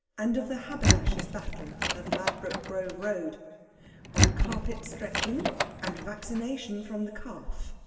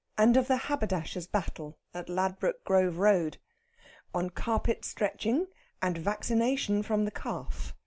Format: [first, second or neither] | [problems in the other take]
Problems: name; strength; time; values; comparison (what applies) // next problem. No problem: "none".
second | background sound (Door); 5 dB above the speech // room echo; dies away in 2.1 s